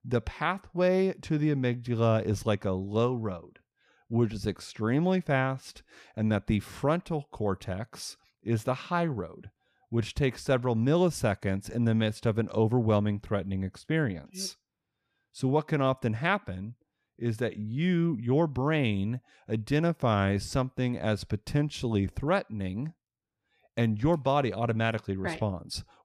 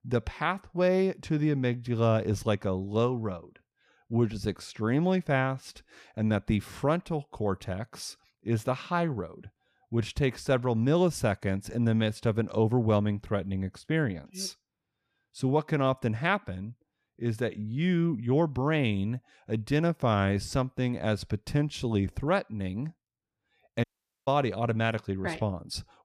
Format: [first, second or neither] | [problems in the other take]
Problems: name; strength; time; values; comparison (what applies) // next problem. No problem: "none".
first | audio cutting out; at 24 s